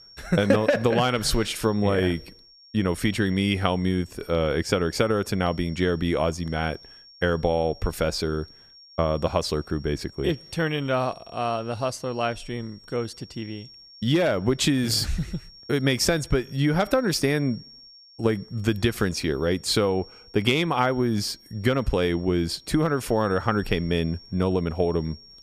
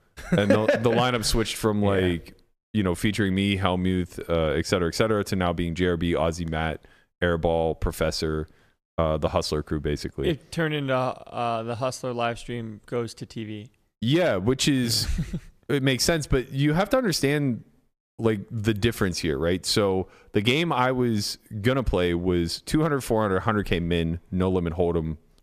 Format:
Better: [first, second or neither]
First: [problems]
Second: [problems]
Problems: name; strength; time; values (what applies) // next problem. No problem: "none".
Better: second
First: high-pitched whine; faint; throughout; 5.5 kHz, 20 dB below the speech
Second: none